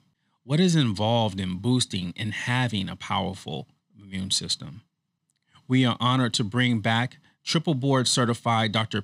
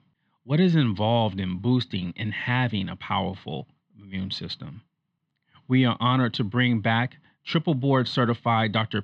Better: first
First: none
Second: muffled; slightly; fading above 3.5 kHz

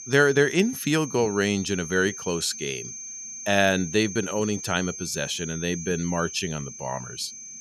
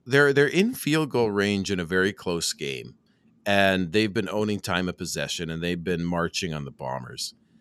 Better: second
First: high-pitched whine; loud; throughout; 6.5 kHz, 10 dB below the speech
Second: none

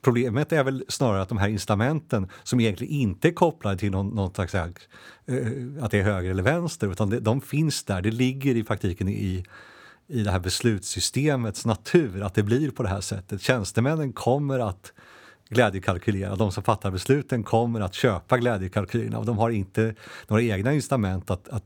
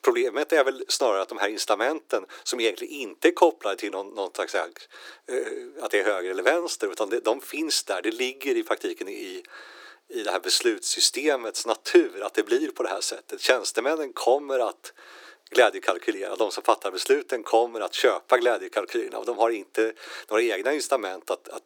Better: first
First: none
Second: thin; very; fading below 350 Hz

